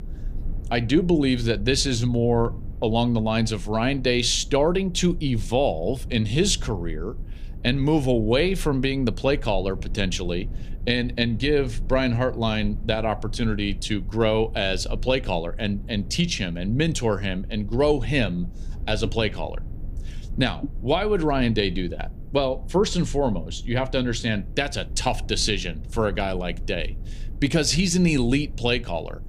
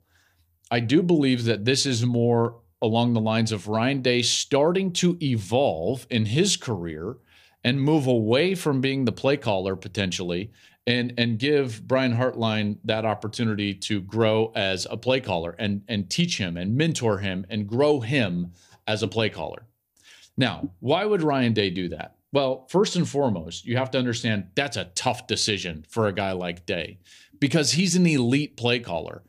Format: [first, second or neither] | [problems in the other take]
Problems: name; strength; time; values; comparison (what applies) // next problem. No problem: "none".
second | low rumble; faint; throughout; 25 dB below the speech